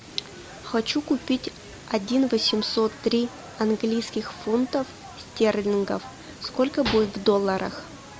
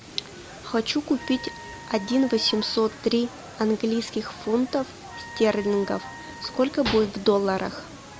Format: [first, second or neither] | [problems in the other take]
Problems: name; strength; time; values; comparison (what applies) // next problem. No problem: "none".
first | background sound (Wind instrument, woodwind instrument); 19 dB below the speech